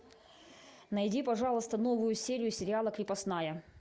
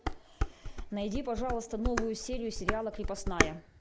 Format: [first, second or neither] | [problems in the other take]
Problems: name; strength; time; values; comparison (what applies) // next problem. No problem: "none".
first | background sound (Dishes, pots, and pans); 1 dB above the speech